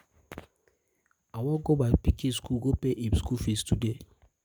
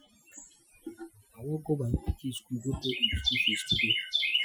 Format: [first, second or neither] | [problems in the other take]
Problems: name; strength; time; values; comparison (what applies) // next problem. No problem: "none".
first | noise reduction (classical method Wiener filter)